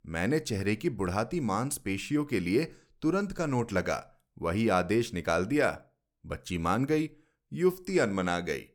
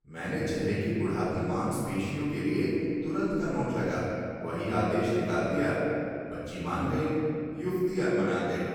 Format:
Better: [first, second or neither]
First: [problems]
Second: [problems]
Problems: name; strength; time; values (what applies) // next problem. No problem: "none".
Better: first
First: none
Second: off-mic speech; far // room echo; strong; dies away in 2.4 s